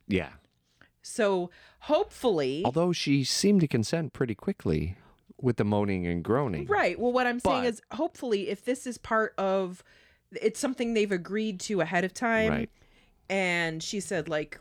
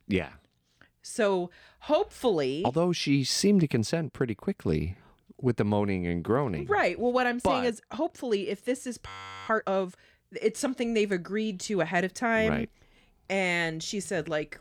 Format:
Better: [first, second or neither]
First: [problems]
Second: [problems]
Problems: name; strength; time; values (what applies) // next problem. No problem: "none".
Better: first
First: none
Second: audio freezing; at 9 s